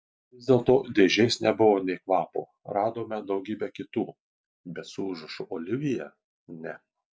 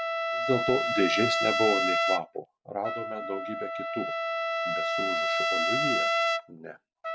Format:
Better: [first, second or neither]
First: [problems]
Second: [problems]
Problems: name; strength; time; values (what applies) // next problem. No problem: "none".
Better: first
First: none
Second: background sound (Trumpet); 4 dB above the speech